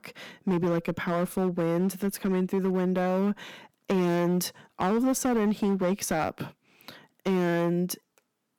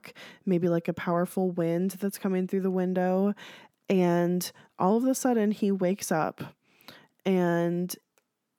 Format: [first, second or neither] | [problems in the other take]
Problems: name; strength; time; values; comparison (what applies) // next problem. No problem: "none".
second | distortion; slight; 10% of the sound clipped